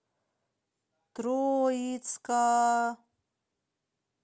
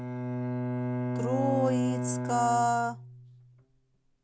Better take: first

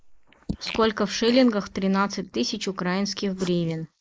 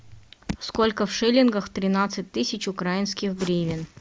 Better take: second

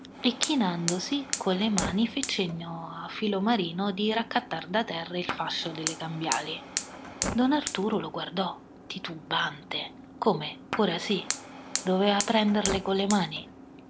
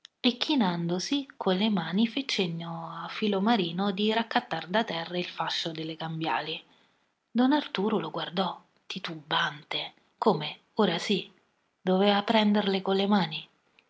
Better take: second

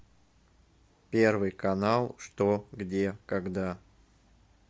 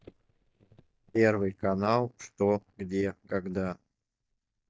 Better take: first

